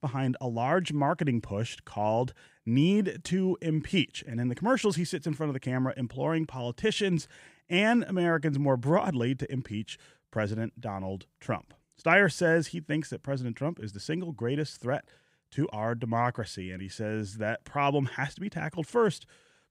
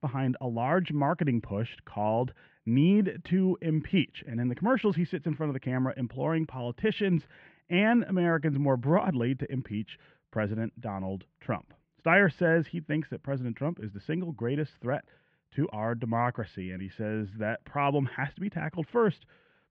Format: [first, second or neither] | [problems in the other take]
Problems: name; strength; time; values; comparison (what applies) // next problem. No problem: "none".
first | muffled; very; fading above 3 kHz